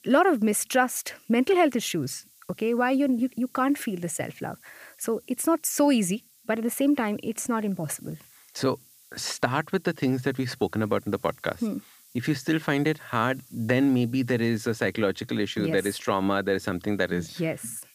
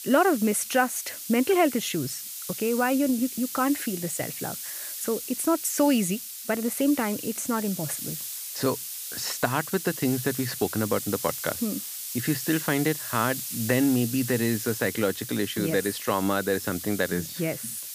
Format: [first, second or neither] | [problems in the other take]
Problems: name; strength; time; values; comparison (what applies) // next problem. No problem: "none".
first | hiss; loud; throughout; 7 dB below the speech; faint in the first